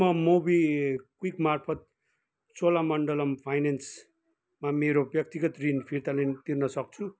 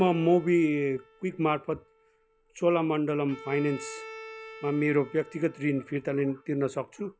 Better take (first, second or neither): first